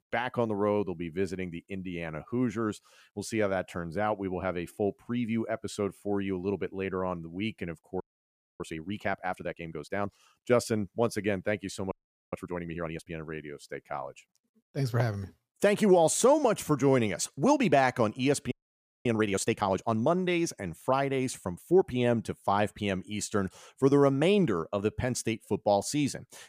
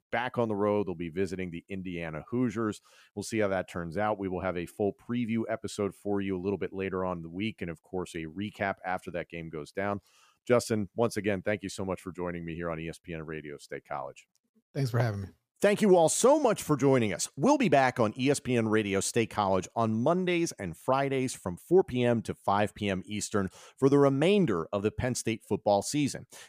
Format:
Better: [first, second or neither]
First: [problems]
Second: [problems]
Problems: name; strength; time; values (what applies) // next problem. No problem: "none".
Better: second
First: audio freezing; at 8 s for 0.5 s, at 12 s and at 19 s for 0.5 s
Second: none